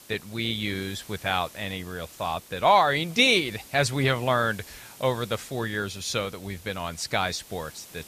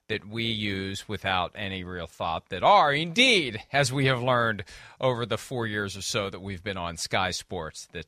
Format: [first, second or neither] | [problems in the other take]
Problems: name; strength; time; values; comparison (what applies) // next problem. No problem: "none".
second | hiss; faint; throughout; 20 dB below the speech